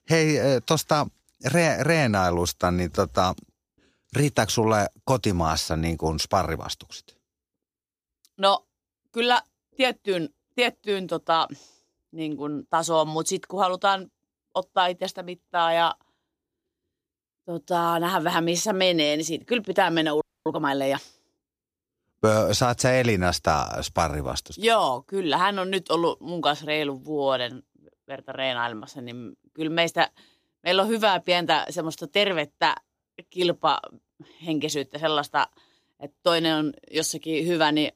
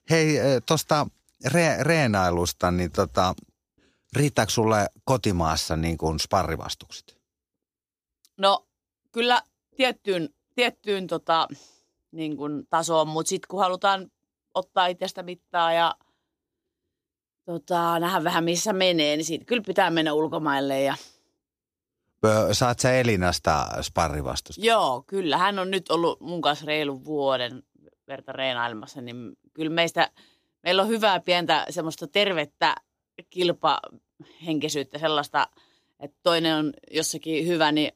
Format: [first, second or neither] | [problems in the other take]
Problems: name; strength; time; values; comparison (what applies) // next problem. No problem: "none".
second | audio freezing; at 20 s